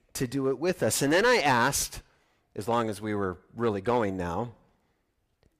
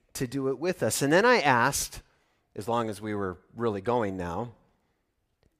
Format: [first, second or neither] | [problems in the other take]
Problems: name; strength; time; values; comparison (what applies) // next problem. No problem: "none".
second | distortion; slight; 4% of the sound clipped